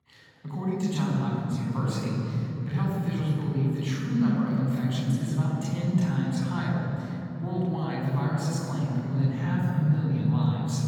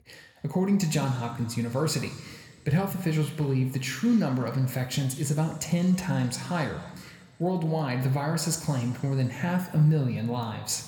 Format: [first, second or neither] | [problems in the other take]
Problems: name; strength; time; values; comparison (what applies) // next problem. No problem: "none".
second | room echo; strong; dies away in 3 s; slight in the second // off-mic speech; far